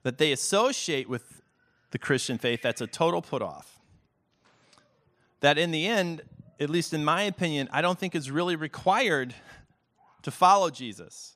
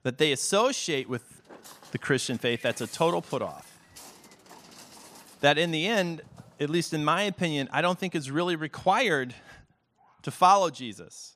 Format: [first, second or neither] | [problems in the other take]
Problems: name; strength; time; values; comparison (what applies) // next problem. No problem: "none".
first | footsteps; faint; from 1 to 6.5 s; peak 20 dB below the speech